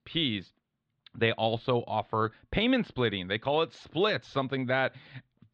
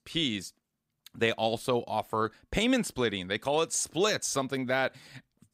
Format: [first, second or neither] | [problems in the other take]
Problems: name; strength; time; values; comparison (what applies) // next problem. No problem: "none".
second | muffled; very; fading above 3.5 kHz